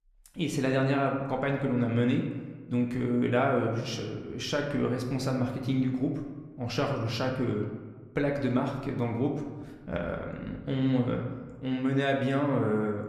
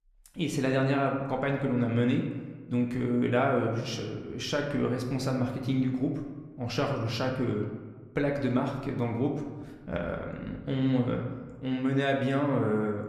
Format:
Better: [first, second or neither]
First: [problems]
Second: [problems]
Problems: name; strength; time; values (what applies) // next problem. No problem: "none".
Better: neither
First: room echo; slight; dies away in 1 s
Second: room echo; slight; dies away in 1 s